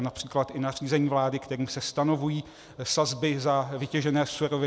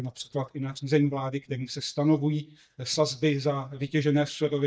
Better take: first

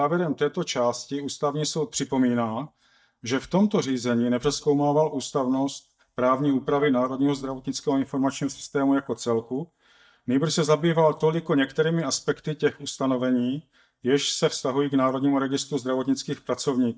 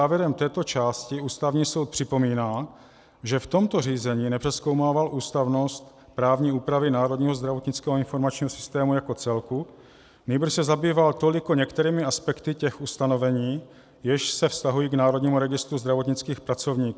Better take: second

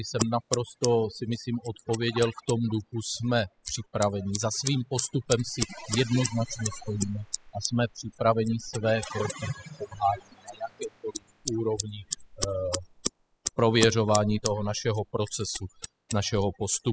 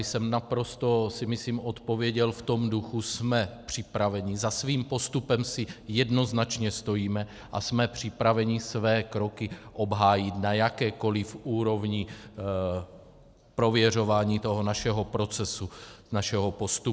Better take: second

